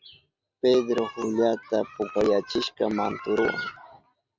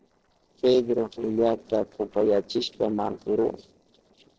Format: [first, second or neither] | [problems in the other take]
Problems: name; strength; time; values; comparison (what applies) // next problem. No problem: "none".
first | noise reduction (neural separator model SepFormer DNS4)